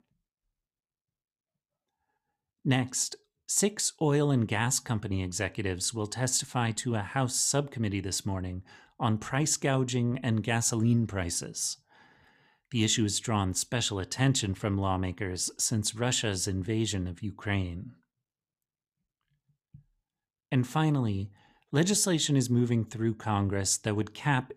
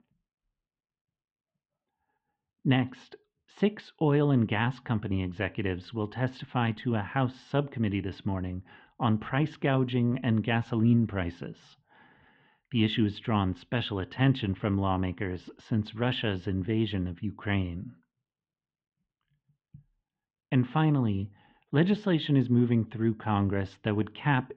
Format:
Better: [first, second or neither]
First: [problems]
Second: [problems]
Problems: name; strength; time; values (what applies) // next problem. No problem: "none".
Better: first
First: none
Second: muffled; very; fading above 3 kHz